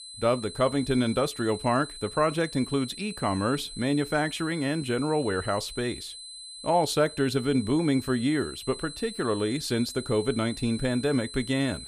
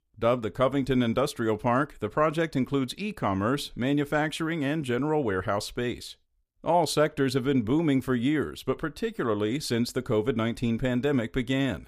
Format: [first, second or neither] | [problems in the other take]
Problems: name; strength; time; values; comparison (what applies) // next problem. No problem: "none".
second | high-pitched whine; noticeable; throughout; 4 kHz, 10 dB below the speech